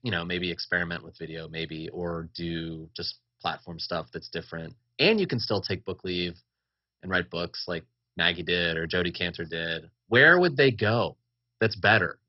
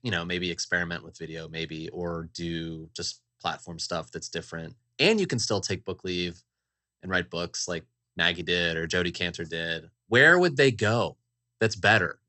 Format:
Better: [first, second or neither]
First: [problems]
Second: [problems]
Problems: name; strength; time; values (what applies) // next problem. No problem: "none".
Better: second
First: garbled, watery; badly; nothing above 5.5 kHz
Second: garbled, watery; slightly; nothing above 8 kHz